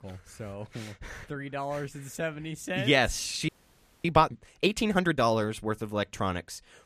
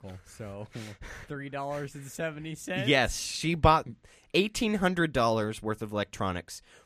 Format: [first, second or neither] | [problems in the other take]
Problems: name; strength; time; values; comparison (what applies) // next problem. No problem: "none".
second | audio freezing; at 3.5 s for 0.5 s